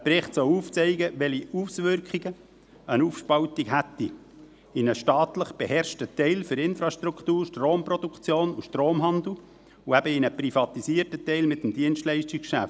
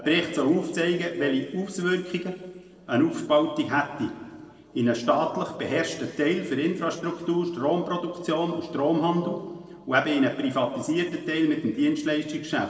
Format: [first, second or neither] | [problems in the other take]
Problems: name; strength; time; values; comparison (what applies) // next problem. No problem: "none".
first | noise reduction (neural separator model SepFormer DNS4)